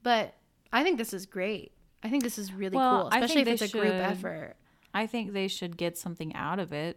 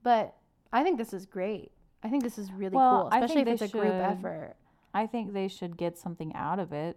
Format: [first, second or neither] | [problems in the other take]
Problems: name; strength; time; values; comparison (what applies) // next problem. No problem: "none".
first | muffled; slightly; fading above 1.5 kHz